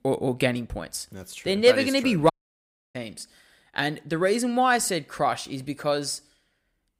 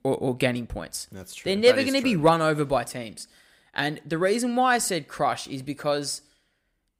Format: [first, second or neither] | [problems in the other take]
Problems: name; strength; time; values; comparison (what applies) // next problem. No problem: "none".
second | audio cutting out; at 2.5 s for 0.5 s